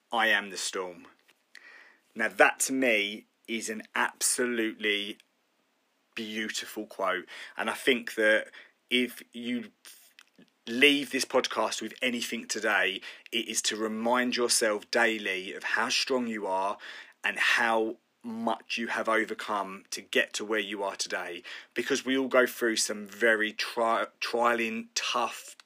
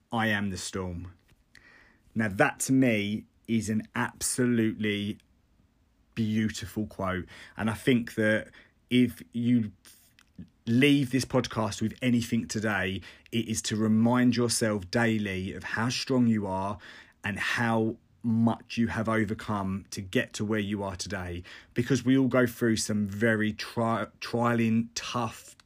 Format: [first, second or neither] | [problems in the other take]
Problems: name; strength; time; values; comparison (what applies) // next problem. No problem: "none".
second | thin; somewhat; fading below 400 Hz